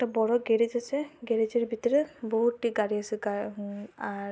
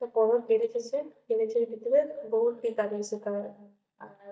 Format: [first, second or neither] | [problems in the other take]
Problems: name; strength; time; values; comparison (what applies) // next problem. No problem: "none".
first | noise reduction (neural mask model DeepFilterNet 3)